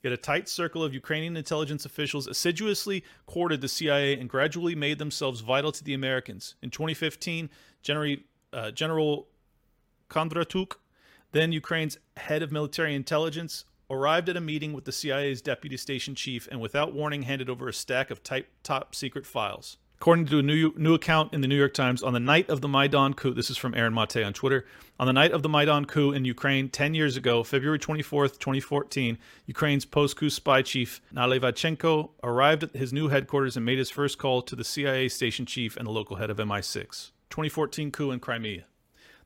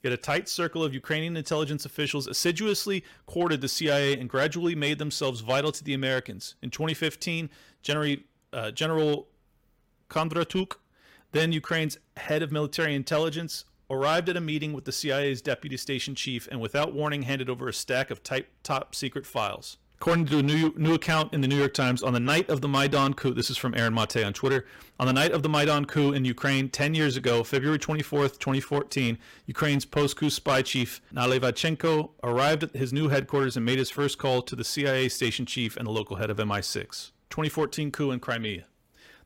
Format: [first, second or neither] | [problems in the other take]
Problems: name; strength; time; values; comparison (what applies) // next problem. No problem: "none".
first | distortion; slight; 5% of the sound clipped